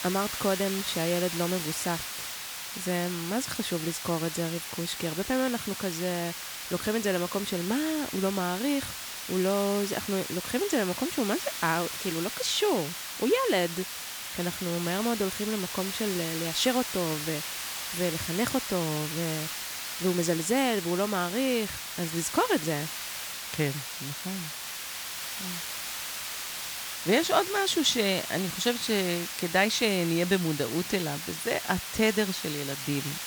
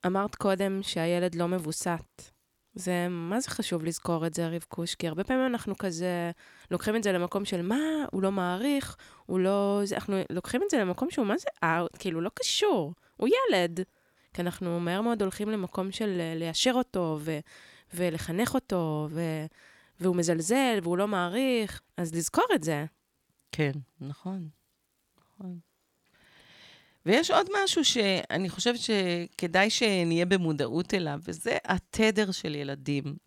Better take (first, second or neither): second